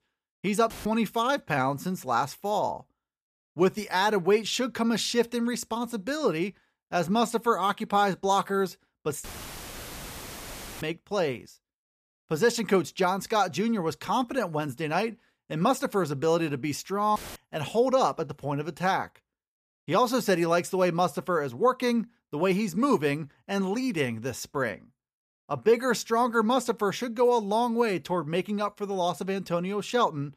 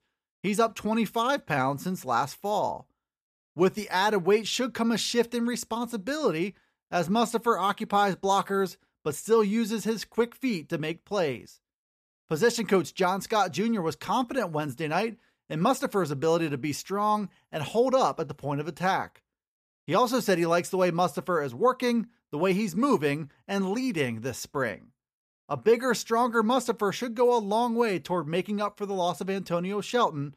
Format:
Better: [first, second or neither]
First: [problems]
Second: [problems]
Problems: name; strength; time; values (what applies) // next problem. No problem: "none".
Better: second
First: audio cutting out; filled with static; at 0.5 s, at 9 s for 1.5 s and at 17 s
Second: none